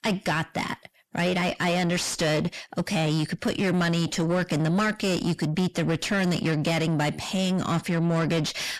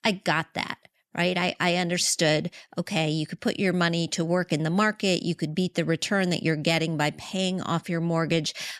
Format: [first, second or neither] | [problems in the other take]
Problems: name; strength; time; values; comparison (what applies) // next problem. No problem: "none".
second | distortion; heavy; 7 dB below the speech